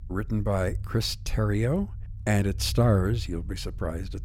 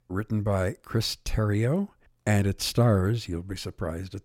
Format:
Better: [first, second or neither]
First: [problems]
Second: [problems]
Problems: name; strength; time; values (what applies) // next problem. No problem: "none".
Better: second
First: low rumble; faint; throughout; 25 dB below the speech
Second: none